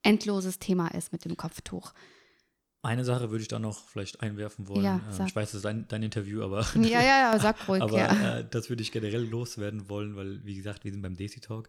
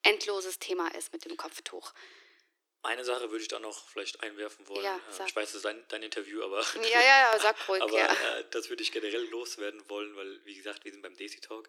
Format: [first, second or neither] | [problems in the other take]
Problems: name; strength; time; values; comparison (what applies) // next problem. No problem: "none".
first | thin; very; fading below 300 Hz